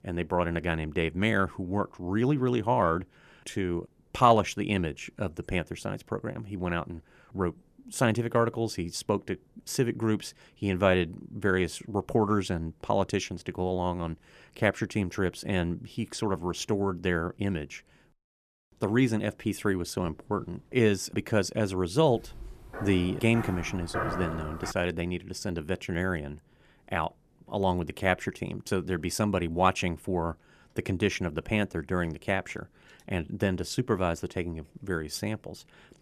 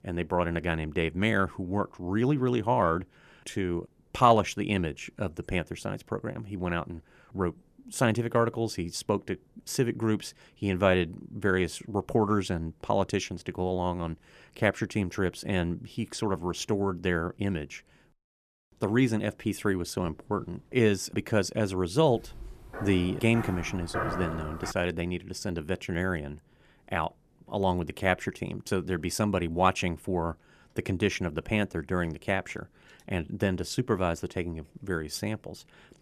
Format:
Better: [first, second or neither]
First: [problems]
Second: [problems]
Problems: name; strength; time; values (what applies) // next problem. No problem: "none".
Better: neither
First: footsteps; noticeable; from 22 to 25 s; peak 3 dB below the speech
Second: footsteps; noticeable; from 22 to 25 s; peak 3 dB below the speech